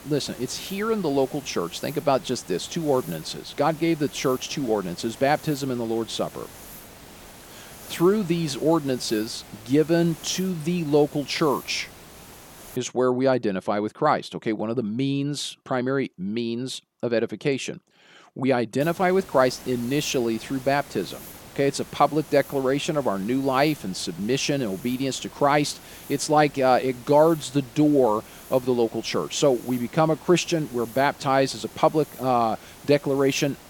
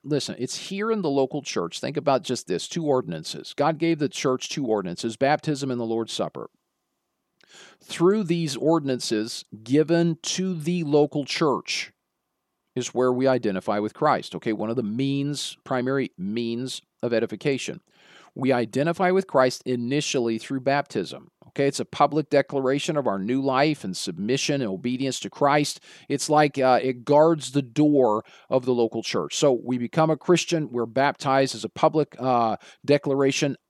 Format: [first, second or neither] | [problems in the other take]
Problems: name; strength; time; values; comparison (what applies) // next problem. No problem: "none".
second | hiss; noticeable; until 13 s and from 19 s on; 20 dB below the speech